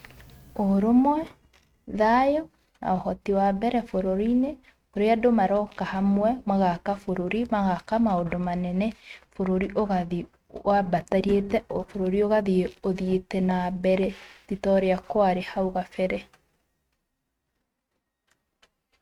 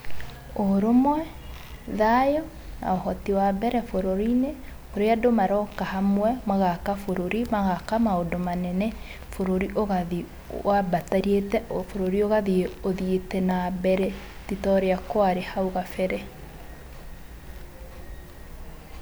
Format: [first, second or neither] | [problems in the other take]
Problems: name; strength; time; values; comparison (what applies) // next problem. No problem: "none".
second | noise reduction (neural mask model RNNoise)